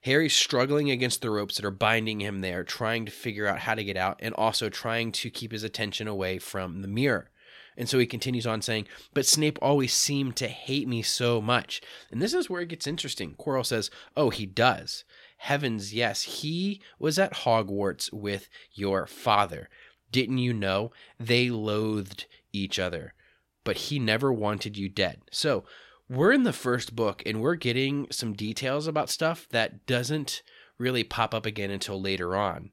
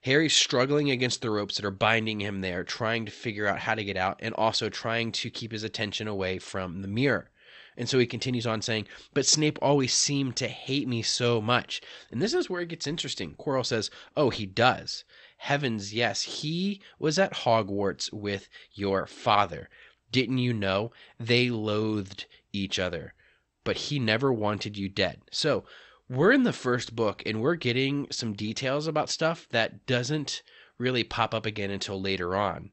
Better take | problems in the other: first | garbled, watery; slightly; nothing above 8 kHz

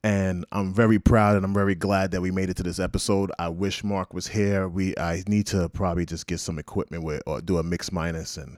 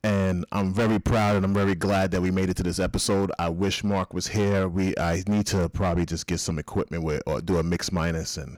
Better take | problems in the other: first | distortion; heavy; 15% of the sound clipped

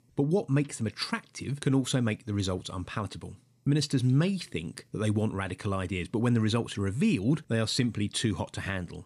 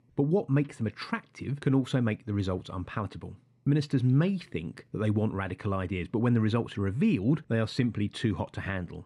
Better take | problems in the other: first | muffled; slightly; fading above 4 kHz

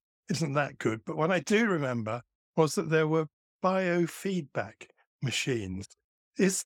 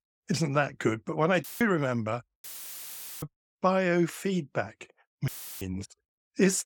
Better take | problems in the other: first | audio cutting out; filled with static; at 1.5 s, at 2.5 s for 1 s and at 5.5 s

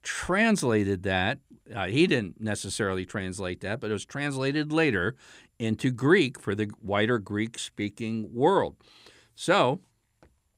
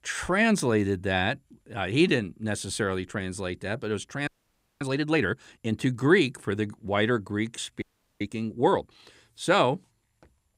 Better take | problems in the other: first | audio freezing; at 4.5 s for 0.5 s and at 8 s

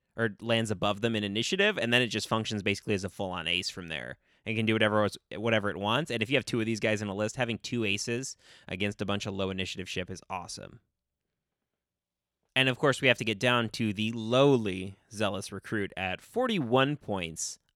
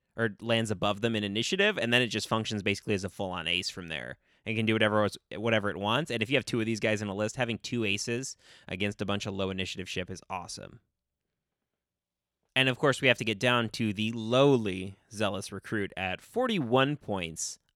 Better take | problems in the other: neither | none

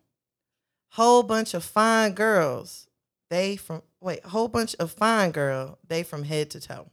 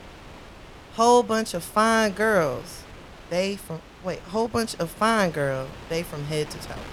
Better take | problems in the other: first | wind noise on the microphone; occasional gusts; 20 dB below the speech

